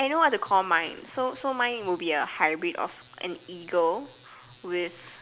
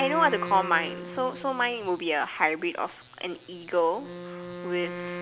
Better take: first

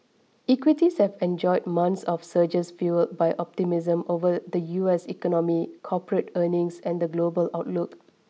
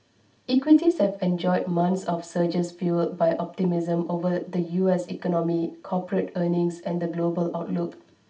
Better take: first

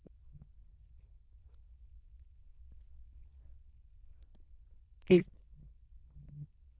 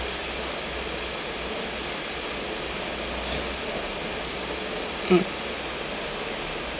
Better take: second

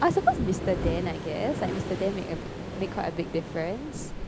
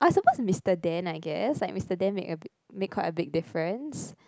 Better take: second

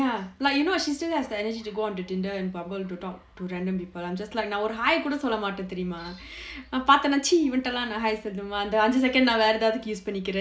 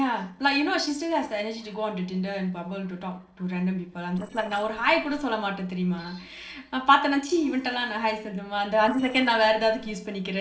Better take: first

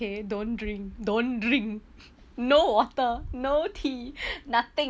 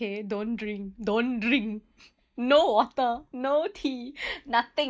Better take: first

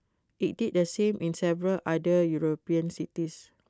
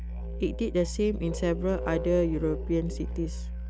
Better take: first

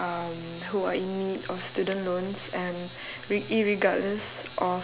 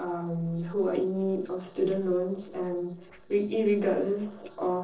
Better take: first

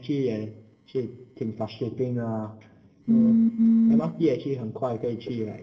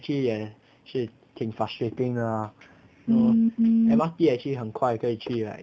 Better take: second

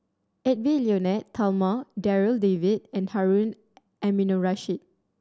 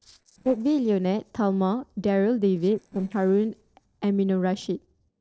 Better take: first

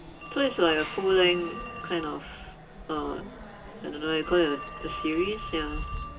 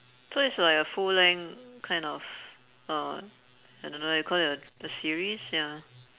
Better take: second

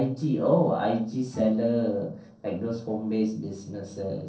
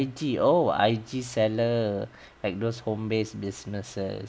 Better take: second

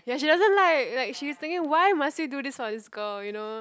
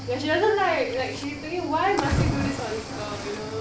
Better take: first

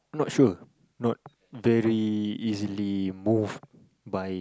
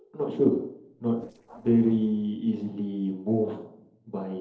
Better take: first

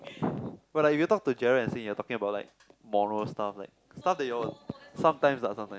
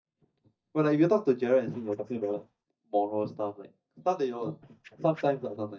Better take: first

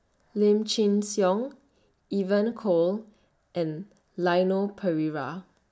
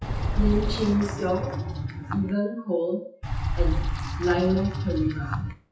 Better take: first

